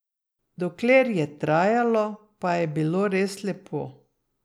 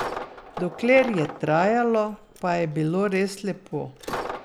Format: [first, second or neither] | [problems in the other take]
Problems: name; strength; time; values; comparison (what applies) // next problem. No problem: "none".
first | background sound (Coin (dropping)); 12 dB below the speech